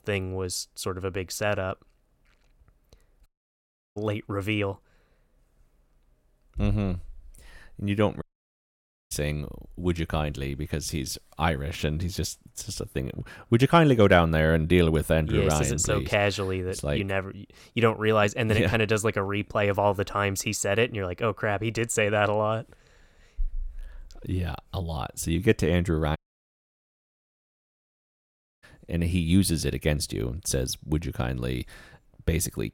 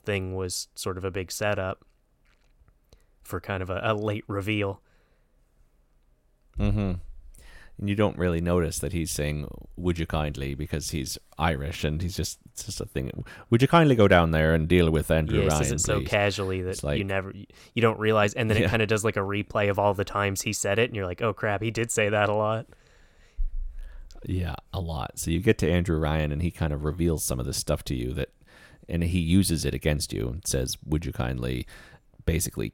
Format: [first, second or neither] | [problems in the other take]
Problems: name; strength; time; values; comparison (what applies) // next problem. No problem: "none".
second | audio cutting out; at 3.5 s for 0.5 s, at 8 s for 1 s and at 26 s for 2.5 s